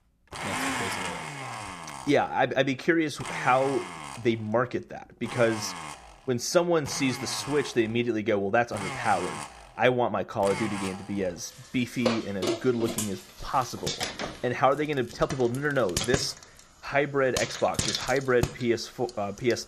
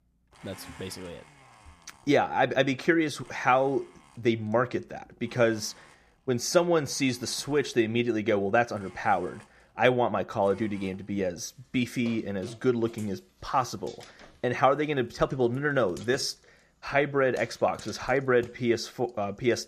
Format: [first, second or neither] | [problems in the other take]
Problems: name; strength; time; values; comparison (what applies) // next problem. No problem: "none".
second | household noises; loud; throughout; 7 dB below the speech; faint in the second